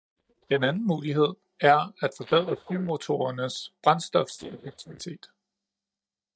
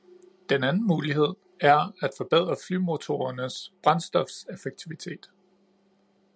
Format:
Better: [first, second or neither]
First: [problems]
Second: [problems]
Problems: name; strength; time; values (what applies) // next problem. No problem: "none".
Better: second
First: noise reduction (neural mask model DeepFilterNet 3)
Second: none